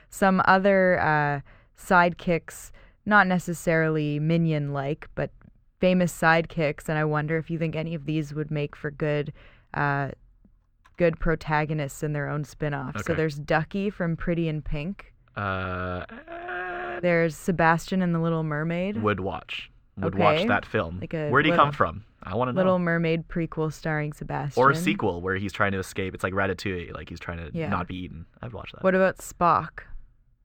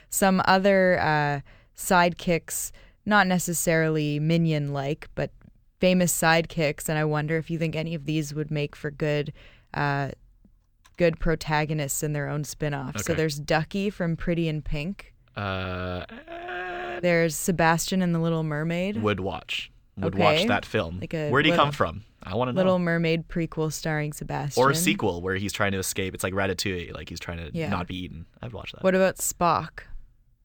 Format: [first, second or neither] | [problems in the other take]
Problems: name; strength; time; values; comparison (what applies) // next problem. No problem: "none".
second | muffled; slightly; fading above 3.5 kHz